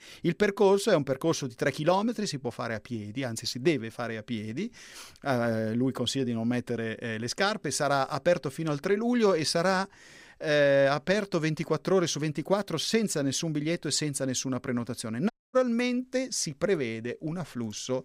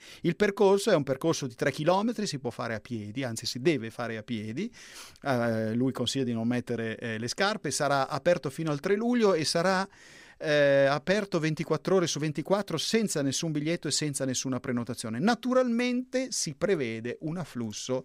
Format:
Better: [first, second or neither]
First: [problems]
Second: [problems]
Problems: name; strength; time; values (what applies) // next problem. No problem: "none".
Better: second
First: audio cutting out; at 15 s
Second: none